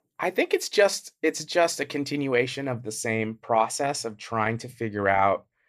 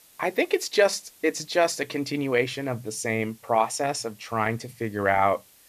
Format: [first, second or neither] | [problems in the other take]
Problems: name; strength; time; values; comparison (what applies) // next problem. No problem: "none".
first | hiss; faint; throughout; 25 dB below the speech